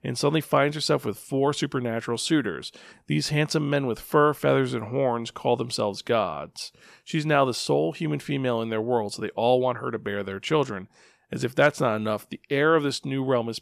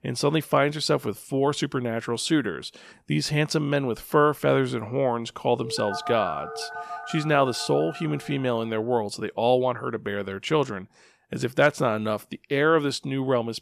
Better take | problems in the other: first | phone ringing; noticeable; from 5.5 to 8.5 s; peak 7 dB below the speech

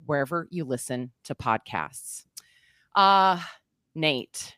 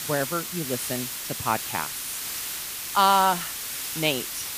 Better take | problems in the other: first | hiss; loud; throughout; 4 dB below the speech

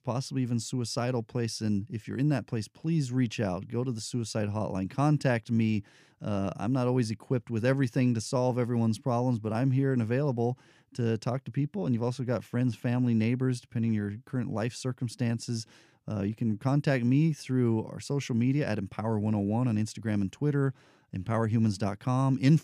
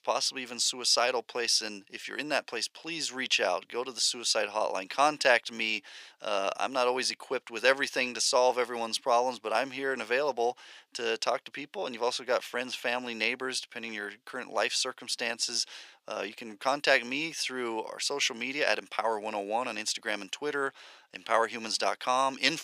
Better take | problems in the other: first | thin; very; fading below 550 Hz

